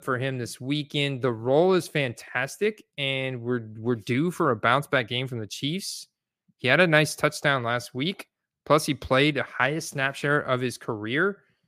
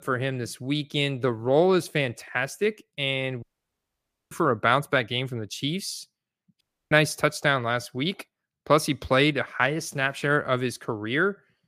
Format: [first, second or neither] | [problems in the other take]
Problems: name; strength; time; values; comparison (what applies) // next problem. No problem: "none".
first | audio cutting out; at 3.5 s for 1 s and at 6.5 s